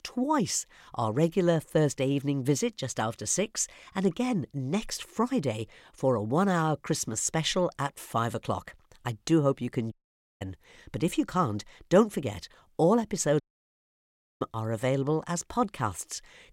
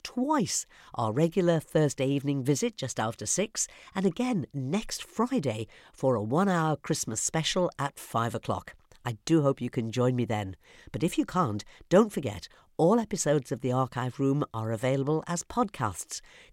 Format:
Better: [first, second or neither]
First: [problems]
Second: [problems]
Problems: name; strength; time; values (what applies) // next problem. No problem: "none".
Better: second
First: audio cutting out; at 10 s and at 13 s for 1 s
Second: none